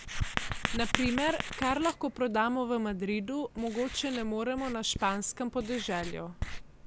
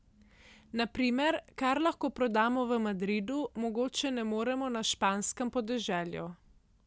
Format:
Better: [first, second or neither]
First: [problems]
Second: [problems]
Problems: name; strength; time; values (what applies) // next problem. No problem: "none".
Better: second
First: background sound (Writing); 6 dB below the speech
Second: none